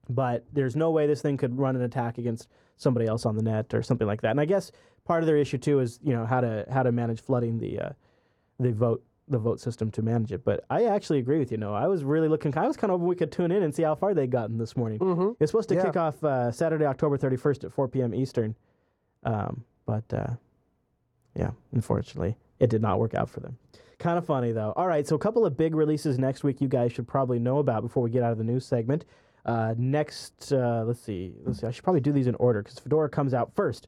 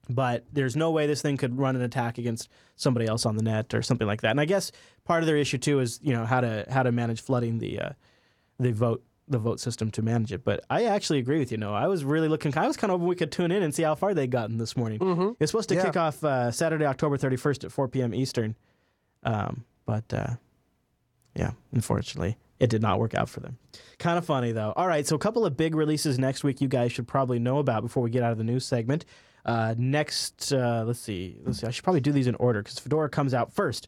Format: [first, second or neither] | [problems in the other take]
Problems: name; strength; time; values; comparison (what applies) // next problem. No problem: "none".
second | muffled; slightly; fading above 1.5 kHz